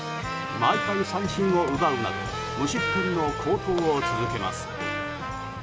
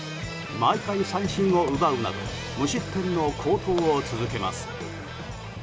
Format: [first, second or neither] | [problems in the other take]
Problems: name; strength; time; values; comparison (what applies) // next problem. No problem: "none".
second | background sound (Trumpet); 5 dB below the speech